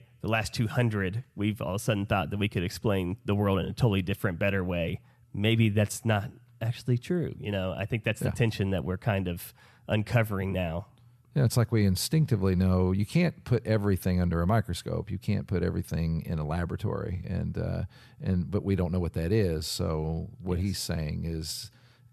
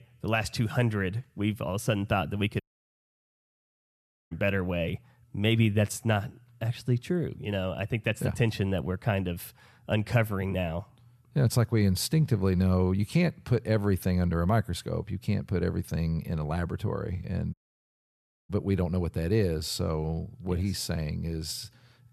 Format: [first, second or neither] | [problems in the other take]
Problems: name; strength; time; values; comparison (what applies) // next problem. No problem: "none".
first | audio cutting out; at 2.5 s for 1.5 s and at 18 s for 1 s